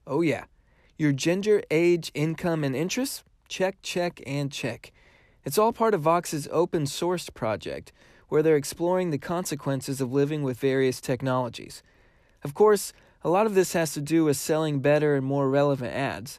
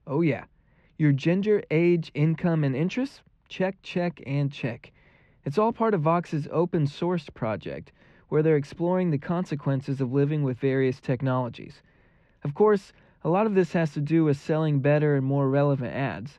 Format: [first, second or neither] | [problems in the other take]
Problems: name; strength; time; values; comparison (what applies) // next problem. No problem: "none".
first | muffled; slightly; fading above 2.5 kHz